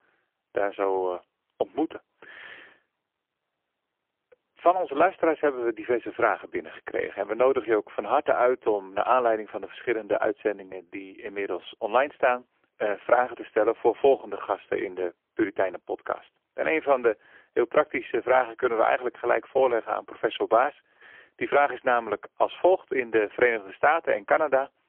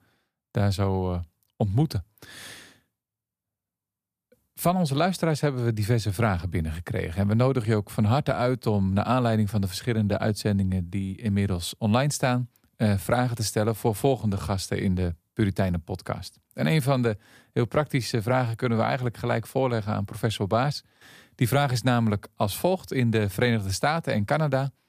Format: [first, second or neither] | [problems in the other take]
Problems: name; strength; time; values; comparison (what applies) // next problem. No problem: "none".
second | phone-call audio; poor line; nothing above 3.5 kHz